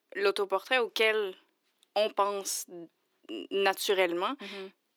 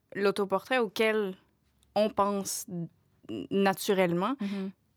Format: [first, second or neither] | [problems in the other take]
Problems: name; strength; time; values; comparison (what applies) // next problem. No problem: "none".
second | thin; somewhat; fading below 350 Hz